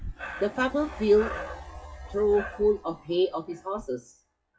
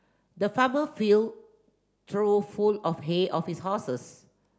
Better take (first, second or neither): second